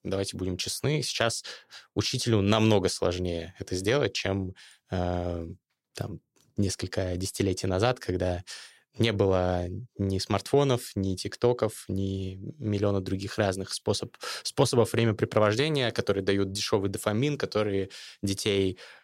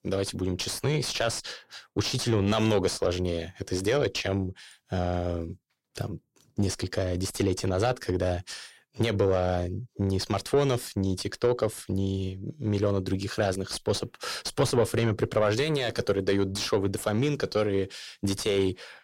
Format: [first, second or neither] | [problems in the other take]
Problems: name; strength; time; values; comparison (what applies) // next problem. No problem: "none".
first | distortion; slight; 10 dB below the speech